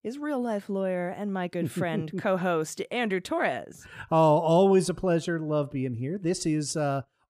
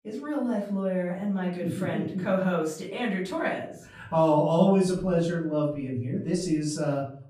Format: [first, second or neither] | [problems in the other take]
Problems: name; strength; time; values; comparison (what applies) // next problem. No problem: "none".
first | off-mic speech; far // room echo; noticeable; dies away in 0.4 s